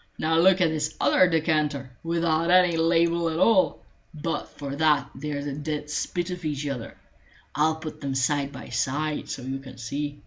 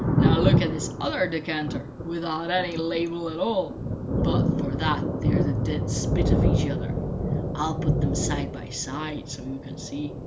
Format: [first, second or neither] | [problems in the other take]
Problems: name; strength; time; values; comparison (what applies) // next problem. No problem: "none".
first | background sound (Thunder); 4 dB above the speech